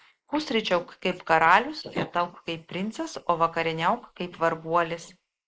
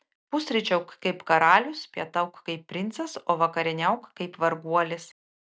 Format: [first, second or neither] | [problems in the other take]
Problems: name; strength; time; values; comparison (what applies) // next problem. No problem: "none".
second | noise reduction (neural mask model Resemble Enhance denoiser)